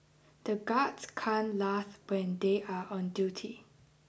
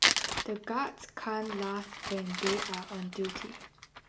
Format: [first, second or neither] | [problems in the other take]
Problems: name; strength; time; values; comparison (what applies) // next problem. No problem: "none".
first | background sound (Crumpling, crinkling); 1 dB above the speech